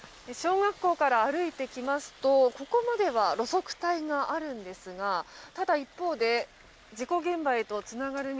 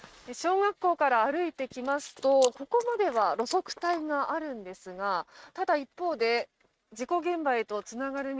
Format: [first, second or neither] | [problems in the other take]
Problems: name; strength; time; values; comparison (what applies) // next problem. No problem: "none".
first | noise reduction (neural mask model RNNoise)